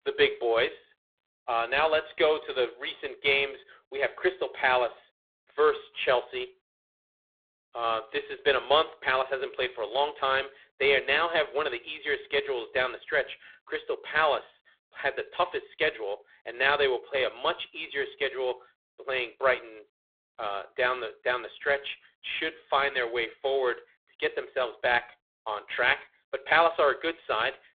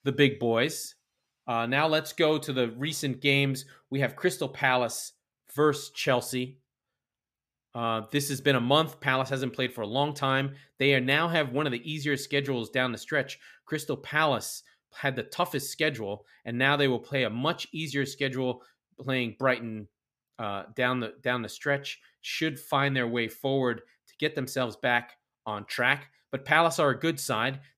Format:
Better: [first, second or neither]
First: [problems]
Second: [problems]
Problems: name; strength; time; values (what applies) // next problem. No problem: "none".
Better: second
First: phone-call audio; poor line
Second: none